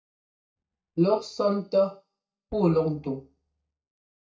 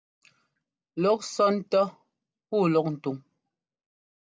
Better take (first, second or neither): second